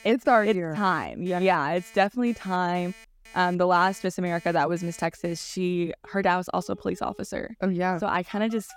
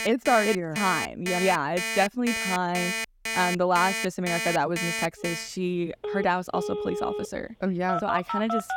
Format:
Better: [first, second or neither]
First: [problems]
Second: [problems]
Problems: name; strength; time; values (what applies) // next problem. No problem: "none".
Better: first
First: alarms or sirens; faint; throughout; 25 dB below the speech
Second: alarms or sirens; loud; throughout; 3 dB below the speech